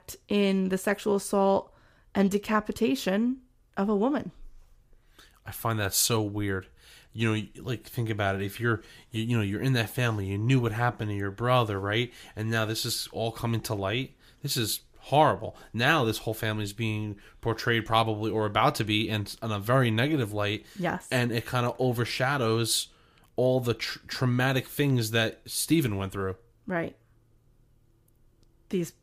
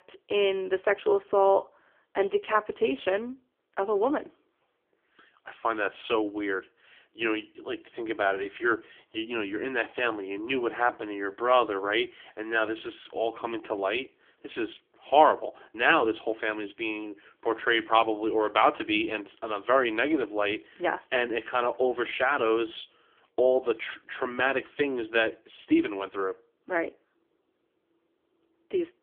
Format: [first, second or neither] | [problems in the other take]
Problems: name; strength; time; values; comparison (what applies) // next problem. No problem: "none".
first | phone-call audio; poor line; nothing above 3.5 kHz